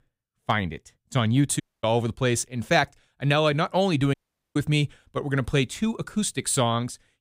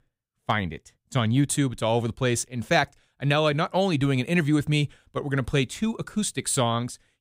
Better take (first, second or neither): second